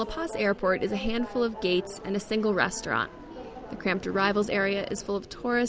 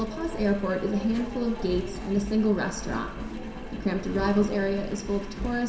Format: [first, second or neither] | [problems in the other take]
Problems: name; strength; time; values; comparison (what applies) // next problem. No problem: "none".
first | background sound (Engine); 9 dB below the speech // room echo; dies away in 0.7 s